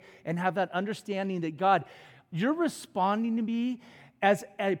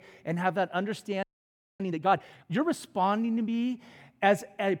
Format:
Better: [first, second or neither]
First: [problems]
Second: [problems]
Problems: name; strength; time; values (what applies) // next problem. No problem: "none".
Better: first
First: none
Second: audio freezing; at 1 s for 0.5 s